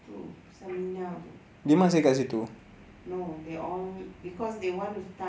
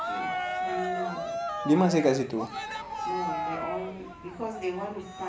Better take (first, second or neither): first